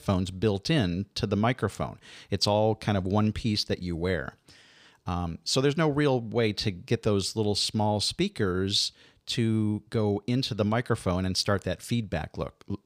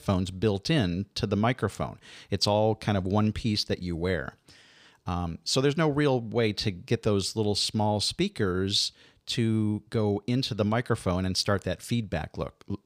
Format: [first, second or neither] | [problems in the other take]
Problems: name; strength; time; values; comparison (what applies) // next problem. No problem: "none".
neither | none